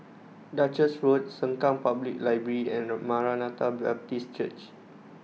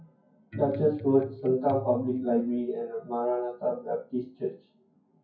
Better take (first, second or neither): first